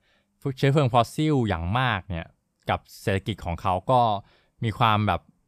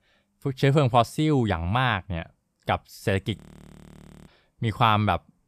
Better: first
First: none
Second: audio freezing; at 3.5 s for 1 s

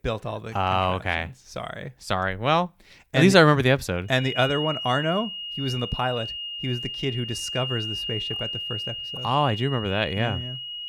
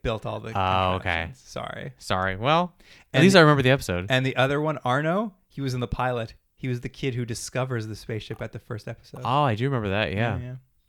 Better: second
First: high-pitched whine; loud; from 4 s on; 3 kHz, 6 dB below the speech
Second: none

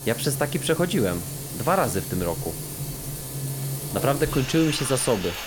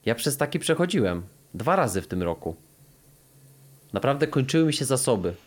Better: second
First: household noises; loud; throughout; 6 dB below the speech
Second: household noises; faint; throughout; 30 dB below the speech

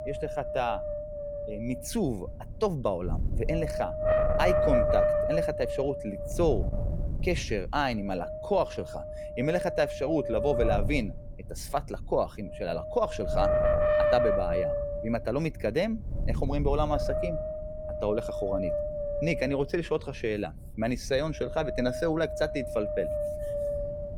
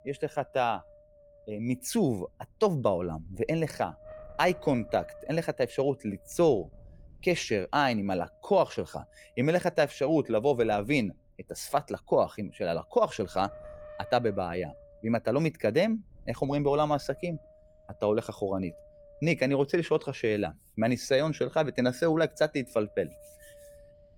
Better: second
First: wind noise on the microphone; heavy; 1 dB above the speech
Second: wind noise on the microphone; occasional gusts; 20 dB below the speech

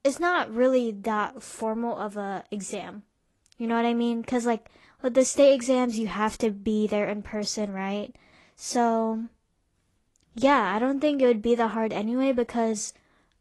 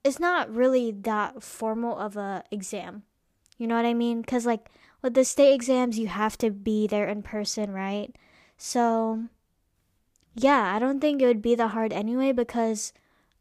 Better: second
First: garbled, watery; slightly; nothing above 11.5 kHz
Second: none

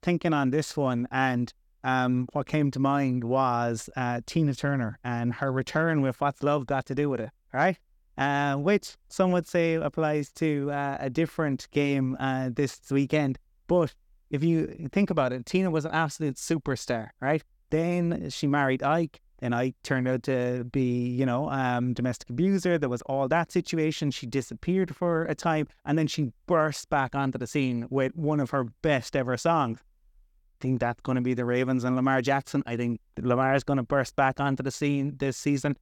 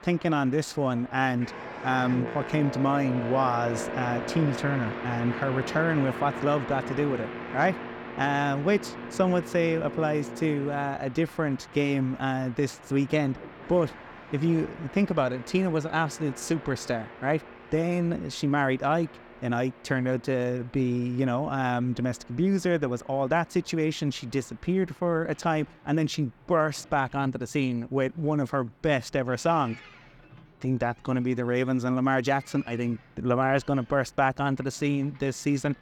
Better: first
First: none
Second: train or aircraft noise; noticeable; throughout; 10 dB below the speech

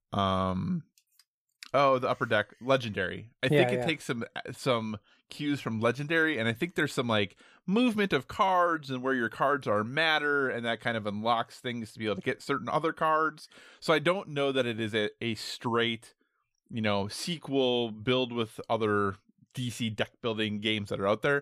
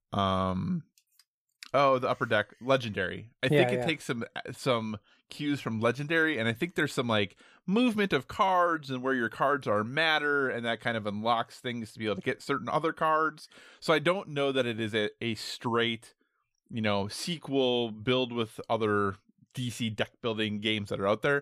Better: neither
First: none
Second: none

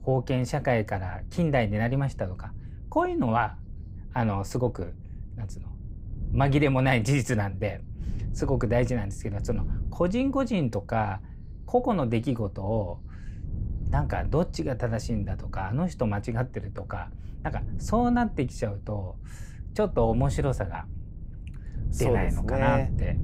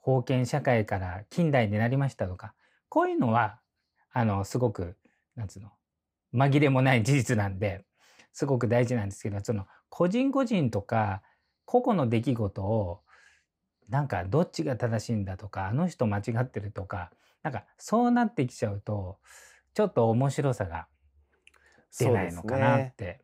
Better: second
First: wind noise on the microphone; occasional gusts; 20 dB below the speech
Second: none

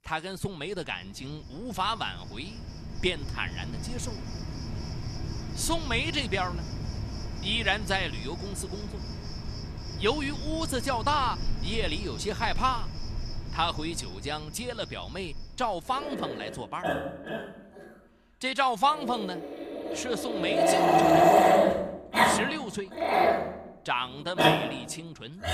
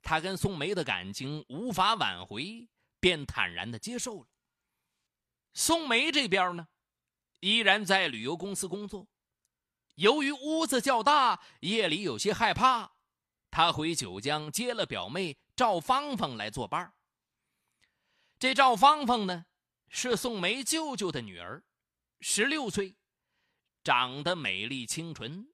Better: second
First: animal sounds; very loud; throughout; 2 dB above the speech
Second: none

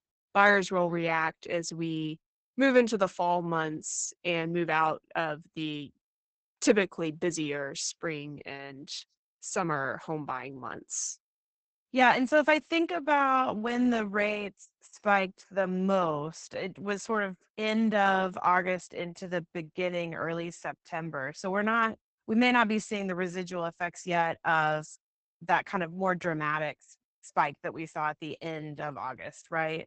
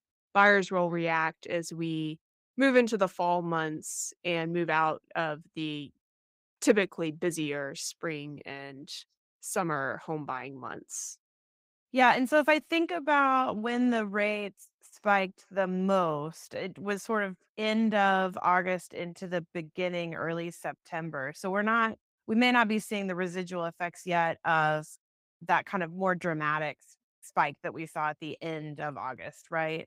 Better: second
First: garbled, watery; badly; nothing above 8 kHz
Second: garbled, watery; slightly; nothing above 15.5 kHz

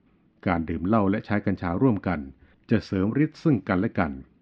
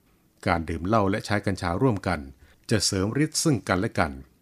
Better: second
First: muffled; very; fading above 3 kHz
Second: none

